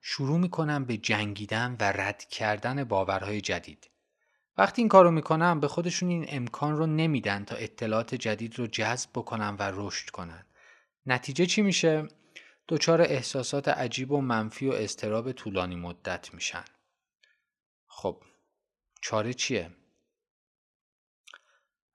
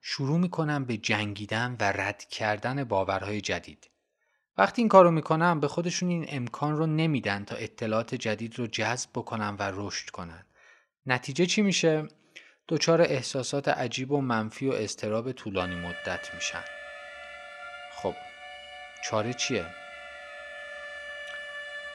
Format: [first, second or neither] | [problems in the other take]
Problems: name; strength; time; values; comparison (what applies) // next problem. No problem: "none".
first | alarm; noticeable; from 16 s on; peak 9 dB below the speech